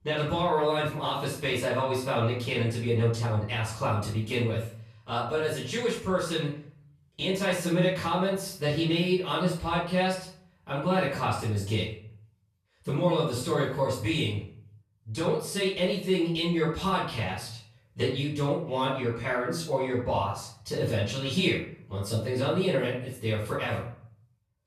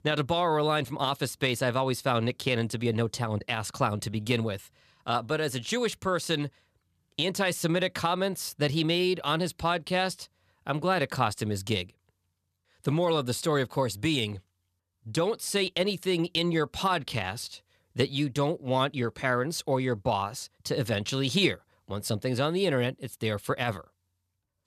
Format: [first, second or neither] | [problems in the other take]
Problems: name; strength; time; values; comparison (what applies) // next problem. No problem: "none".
second | off-mic speech; far // room echo; noticeable; dies away in 0.5 s